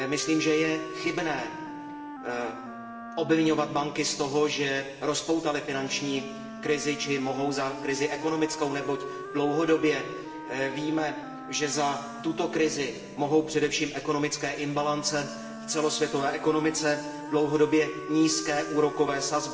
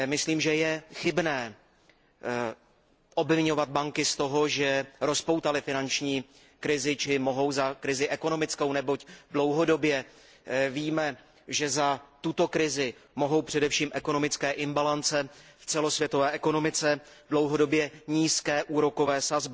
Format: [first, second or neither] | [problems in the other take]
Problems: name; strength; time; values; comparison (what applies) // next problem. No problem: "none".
second | background sound (Wind instrument, woodwind instrument); 12 dB below the speech // room echo; dies away in 2.7 s